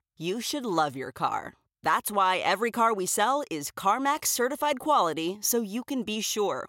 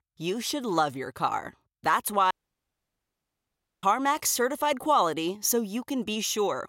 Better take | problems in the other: first | audio cutting out; at 2.5 s for 1.5 s

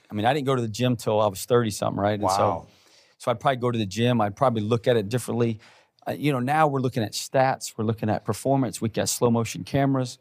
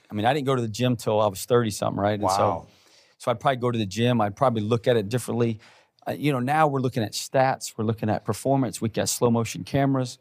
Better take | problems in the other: neither | none

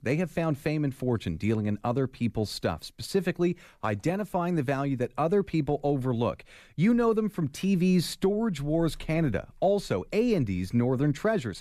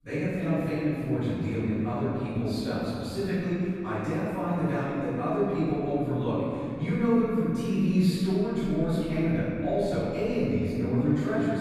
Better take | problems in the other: first | off-mic speech; far // room echo; strong; dies away in 3 s

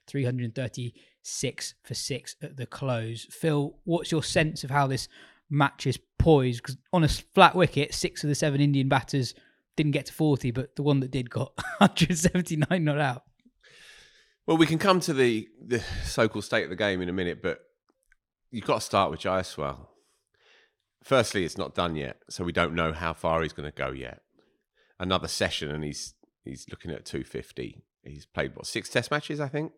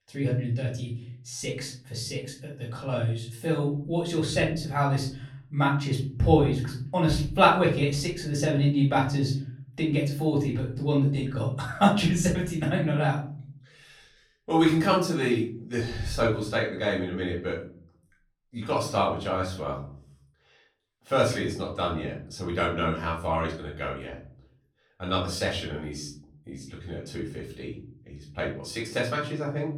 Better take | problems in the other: first | off-mic speech; far // room echo; slight; dies away in 0.6 s

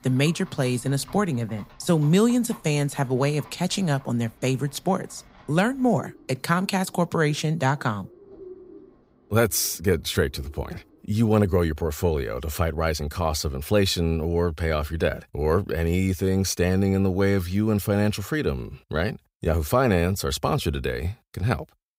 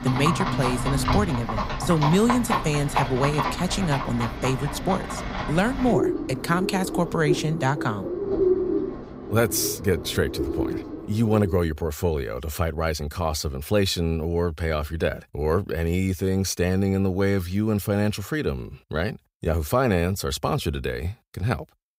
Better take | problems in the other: first | animal sounds; loud; until 11 s; 3 dB below the speech; faint in the first

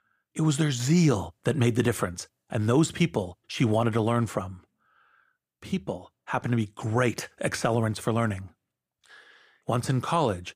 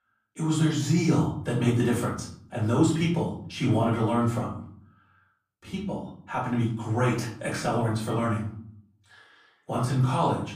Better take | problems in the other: first | room echo; noticeable; dies away in 0.5 s // off-mic speech; far

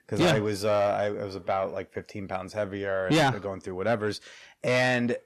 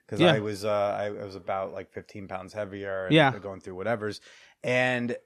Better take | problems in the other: second | distortion; heavy; 7 dB below the speech

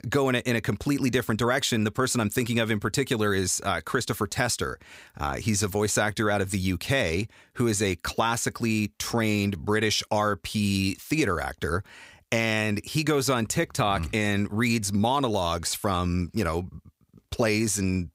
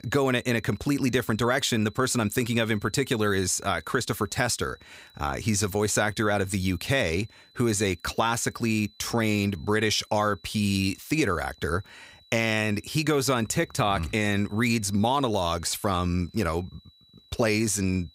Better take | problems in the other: first | high-pitched whine; faint; throughout; 4 kHz, 30 dB below the speech

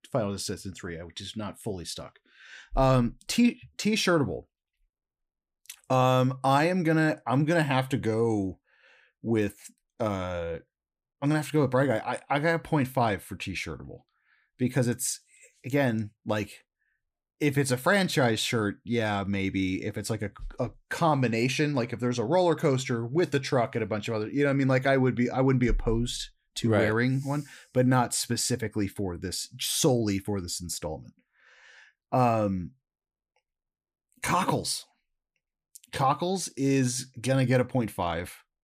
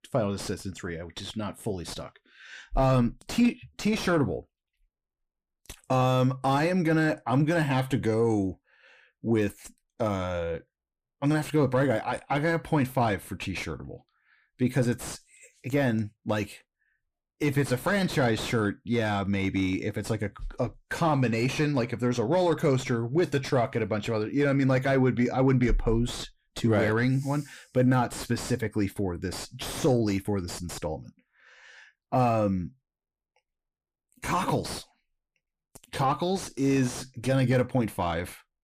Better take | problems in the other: first | distortion; slight; 10 dB below the speech

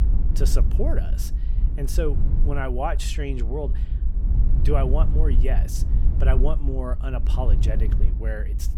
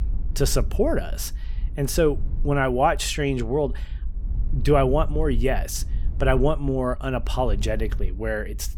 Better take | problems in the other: second | low rumble; loud; throughout; 10 dB below the speech; faint in the second

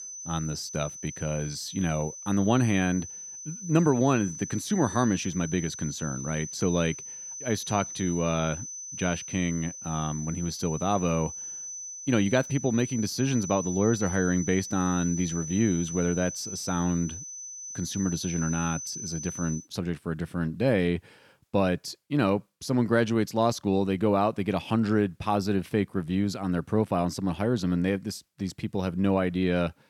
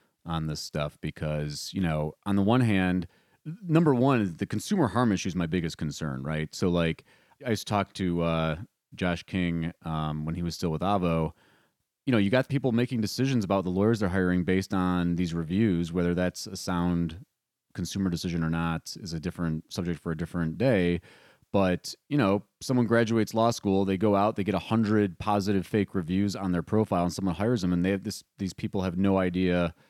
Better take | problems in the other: second | high-pitched whine; loud; until 20 s; 6 kHz, 9 dB below the speech

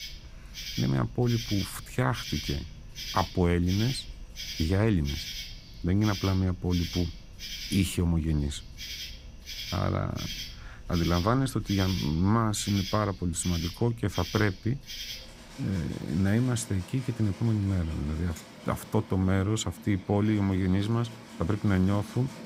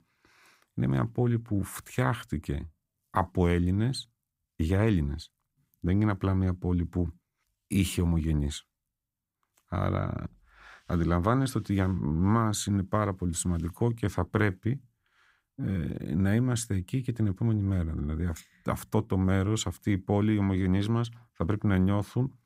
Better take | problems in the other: second | animal sounds; noticeable; throughout; 10 dB below the speech

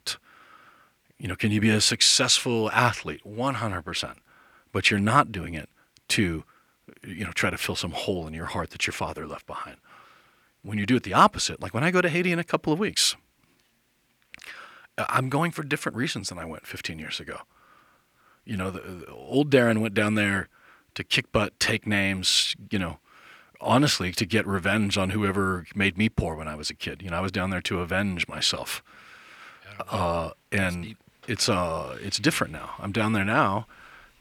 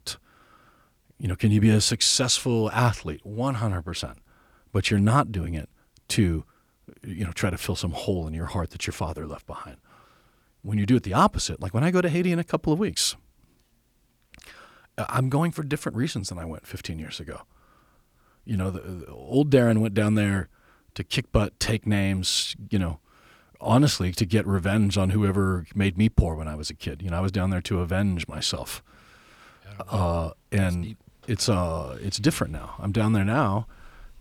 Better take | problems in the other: second | thin; very slightly; fading below 400 Hz

